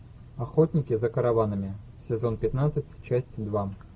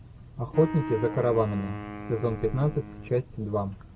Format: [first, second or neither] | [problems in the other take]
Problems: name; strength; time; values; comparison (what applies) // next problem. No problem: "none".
first | background sound (Wind instrument, woodwind instrument); 11 dB below the speech